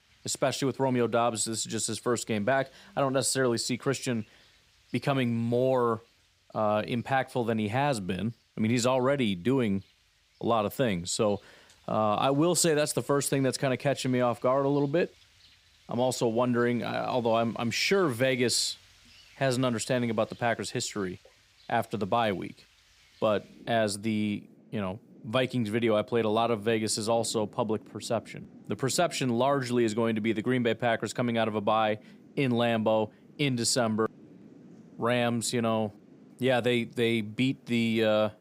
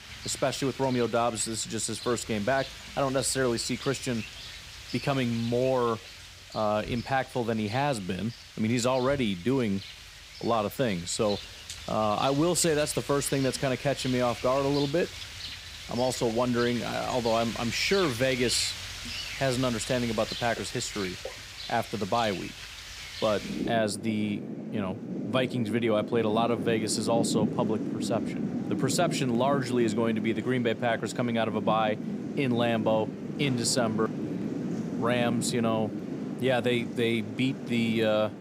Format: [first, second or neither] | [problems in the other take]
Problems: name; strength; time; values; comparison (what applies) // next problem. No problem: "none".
first | rain or running water; loud; throughout; 8 dB below the speech; faint in the first